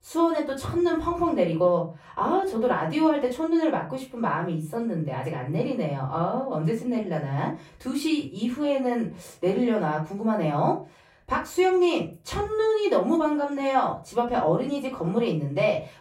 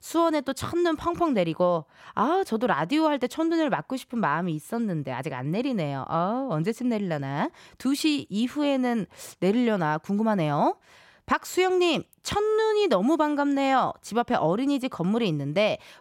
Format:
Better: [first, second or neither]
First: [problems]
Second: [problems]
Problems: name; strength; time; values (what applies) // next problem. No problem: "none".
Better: second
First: off-mic speech; far // room echo; slight; dies away in 0.3 s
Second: none